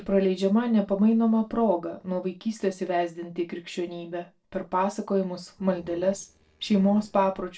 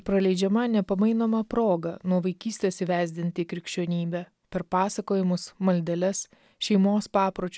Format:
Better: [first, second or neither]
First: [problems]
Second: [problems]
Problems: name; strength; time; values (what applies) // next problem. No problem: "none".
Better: second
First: noise reduction (neural separator model SepFormer DNS4)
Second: none